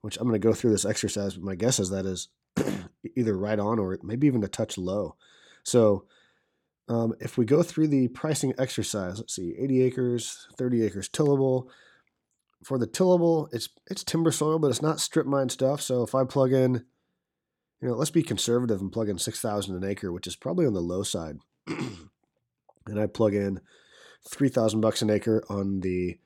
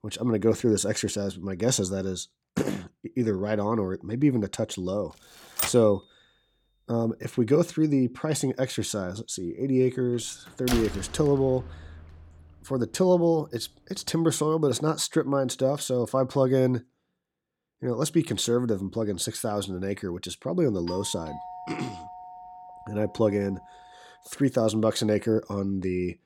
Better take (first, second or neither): first